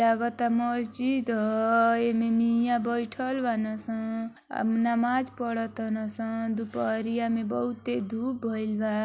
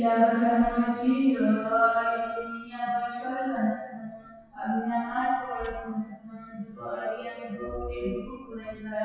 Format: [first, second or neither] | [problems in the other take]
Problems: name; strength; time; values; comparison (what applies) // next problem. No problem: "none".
first | noise reduction (classical method WPE with log-MMSE)